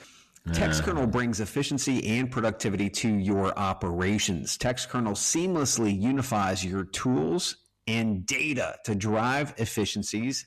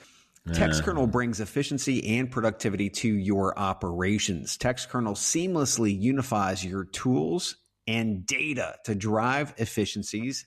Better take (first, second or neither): second